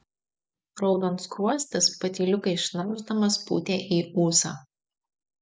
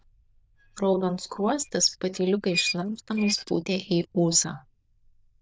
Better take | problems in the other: first | noise reduction (neural diffusion model UNIVERSE++)

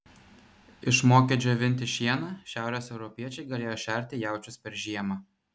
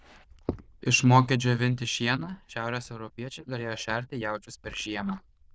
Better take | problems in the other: first | noise reduction (neural diffusion model UNIVERSE++)

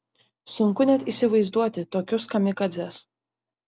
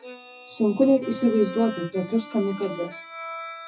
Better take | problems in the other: first | noise reduction (classical method WPE with log-MMSE)

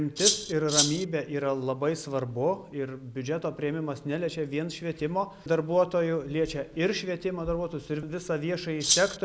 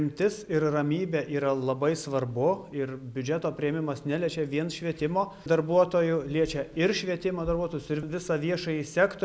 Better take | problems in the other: second | background sound (Rattle (instrument)); 3 dB above the speech

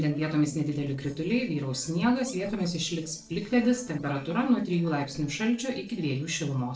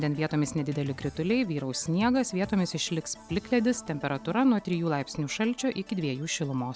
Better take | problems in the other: second | noise reduction (neural separator model SepFormer DNS4)

